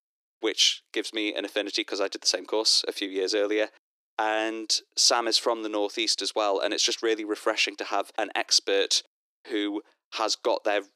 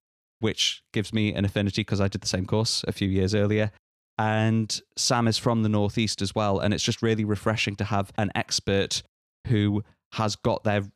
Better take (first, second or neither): second